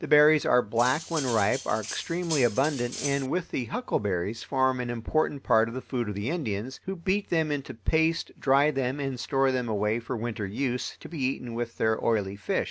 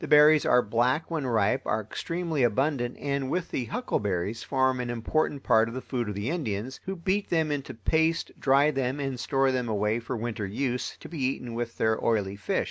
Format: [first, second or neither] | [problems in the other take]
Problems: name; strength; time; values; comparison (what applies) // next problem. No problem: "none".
second | background sound (Cutlery, silverware); 11 dB below the speech